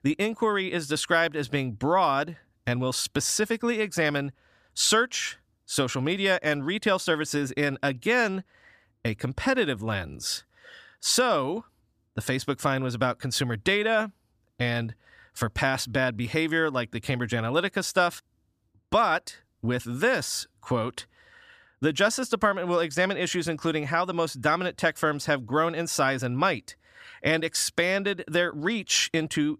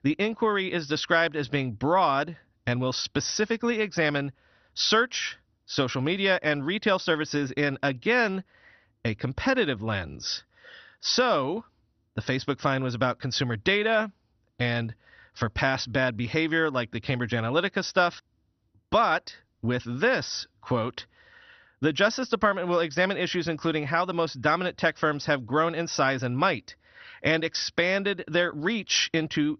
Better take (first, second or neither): first